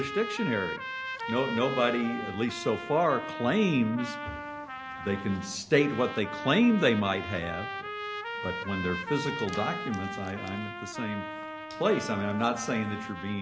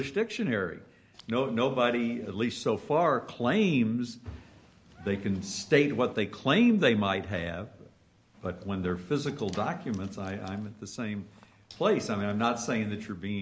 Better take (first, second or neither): second